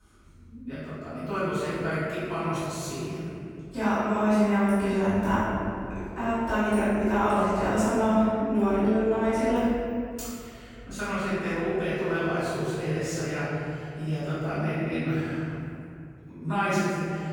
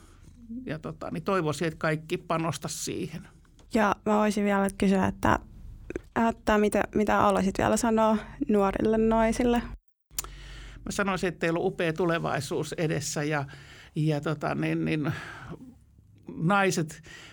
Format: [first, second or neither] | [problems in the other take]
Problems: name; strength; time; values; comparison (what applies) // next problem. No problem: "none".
second | off-mic speech; far // room echo; strong; dies away in 2.4 s